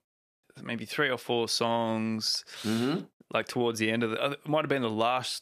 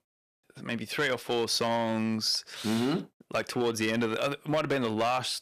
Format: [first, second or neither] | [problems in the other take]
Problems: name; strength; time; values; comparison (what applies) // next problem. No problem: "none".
first | distortion; slight; 6% of the sound clipped